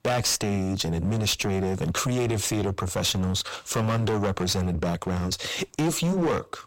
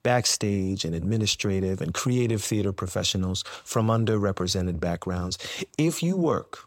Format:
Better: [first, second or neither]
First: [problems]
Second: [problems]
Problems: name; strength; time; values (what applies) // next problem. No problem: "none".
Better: second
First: distortion; heavy; 18% of the sound clipped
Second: none